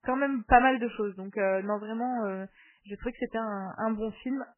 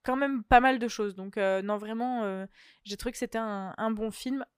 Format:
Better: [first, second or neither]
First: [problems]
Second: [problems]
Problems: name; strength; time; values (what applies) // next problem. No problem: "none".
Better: second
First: garbled, watery; badly; nothing above 2.5 kHz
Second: none